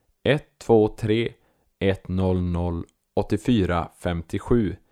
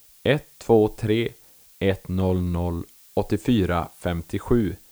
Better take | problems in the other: first | hiss; faint; throughout; 25 dB below the speech

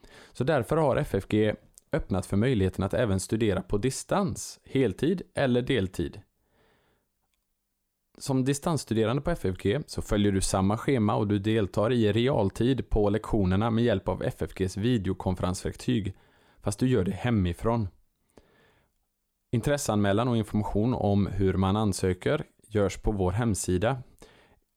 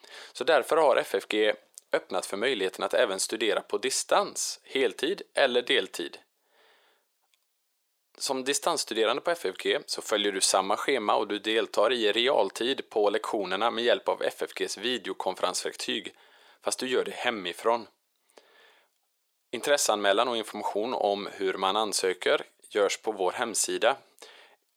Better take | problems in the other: first | thin; very; fading below 450 Hz

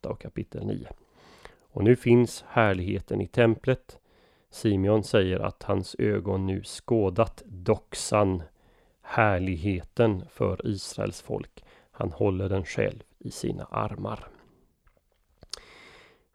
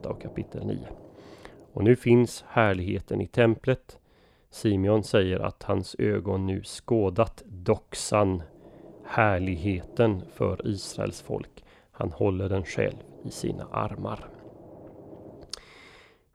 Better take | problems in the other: first | low rumble; faint; throughout; 20 dB below the speech

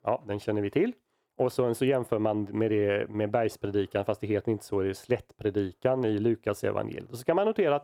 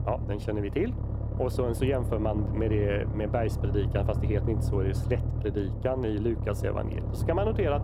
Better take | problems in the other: first | low rumble; loud; throughout; 10 dB below the speech

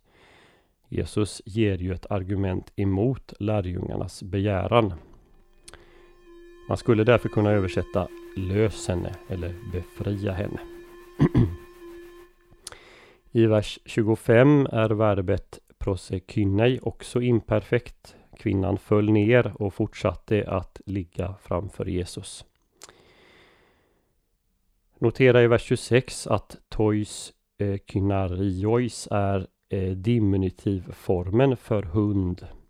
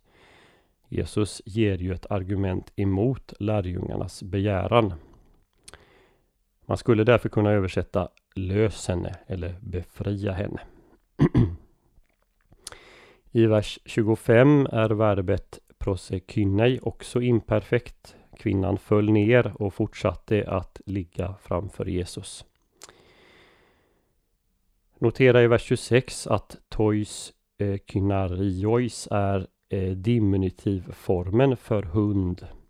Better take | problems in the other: second | alarm; faint; from 5 to 12 s; peak 15 dB below the speech

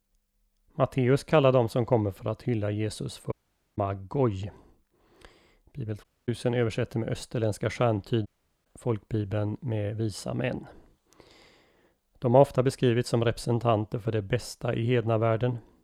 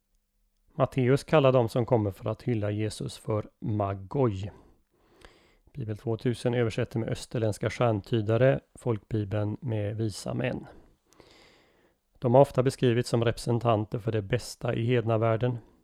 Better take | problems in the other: second | audio cutting out; at 3.5 s, at 6 s and at 8.5 s

